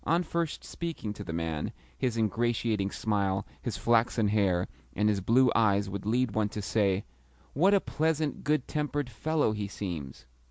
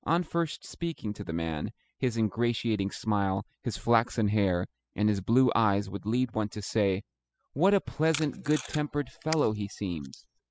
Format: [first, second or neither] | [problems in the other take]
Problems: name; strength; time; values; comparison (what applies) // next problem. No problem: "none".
first | noise reduction (classical method spectral subtraction)